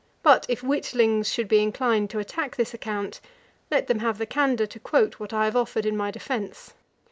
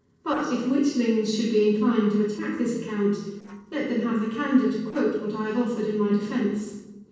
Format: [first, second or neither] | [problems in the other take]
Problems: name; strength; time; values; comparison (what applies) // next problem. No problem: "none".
first | noise reduction (neural separator model SepFormer DNS4)